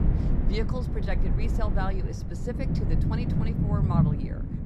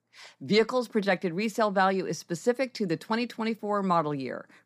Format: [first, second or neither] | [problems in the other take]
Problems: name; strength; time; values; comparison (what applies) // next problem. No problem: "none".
second | low rumble; loud; throughout; 1 dB below the speech